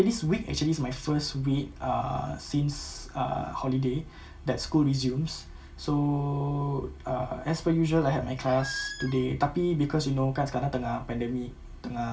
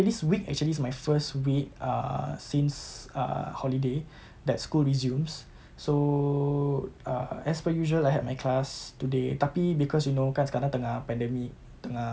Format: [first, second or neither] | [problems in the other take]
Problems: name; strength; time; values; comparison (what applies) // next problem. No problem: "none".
second | background sound (Squeak); 10 dB below the speech // room echo; dies away in 0.2 s